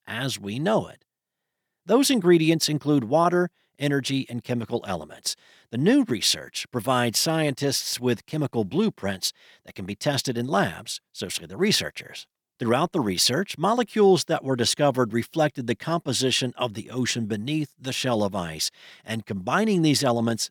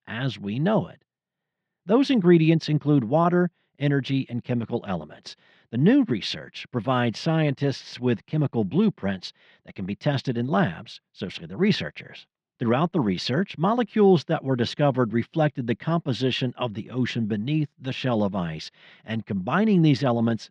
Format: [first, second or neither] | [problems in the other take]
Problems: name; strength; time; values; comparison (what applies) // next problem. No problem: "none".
first | muffled; slightly; fading above 3.5 kHz